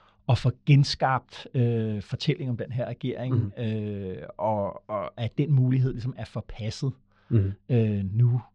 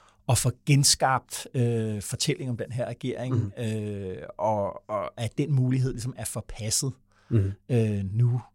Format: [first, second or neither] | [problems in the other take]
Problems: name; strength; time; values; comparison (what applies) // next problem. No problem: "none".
second | muffled; slightly; fading above 4 kHz